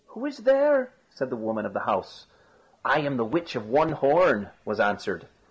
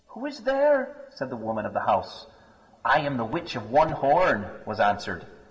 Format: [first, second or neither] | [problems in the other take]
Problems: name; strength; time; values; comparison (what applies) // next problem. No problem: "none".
first | room echo; dies away in 2.4 s